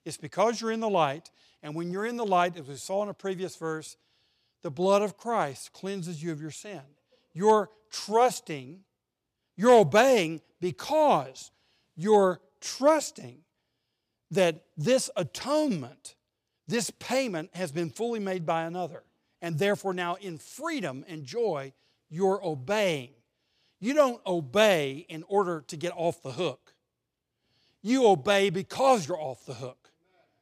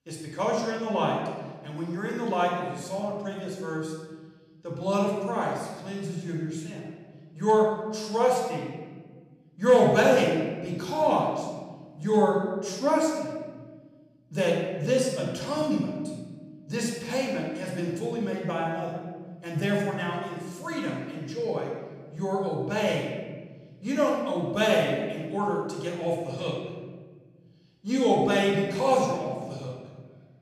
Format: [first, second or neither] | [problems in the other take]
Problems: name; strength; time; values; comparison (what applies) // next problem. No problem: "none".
first | off-mic speech; far // room echo; noticeable; dies away in 1.5 s